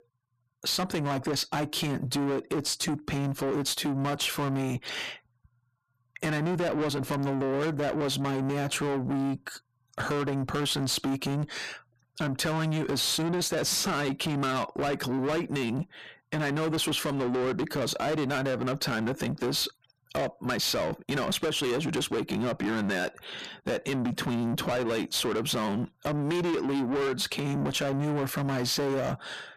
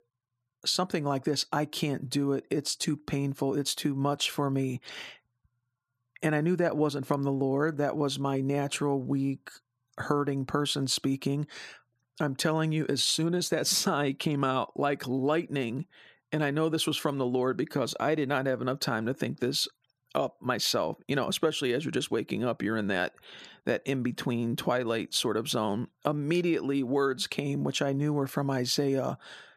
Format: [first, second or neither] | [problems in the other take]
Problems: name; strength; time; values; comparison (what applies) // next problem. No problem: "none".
second | distortion; heavy; 6 dB below the speech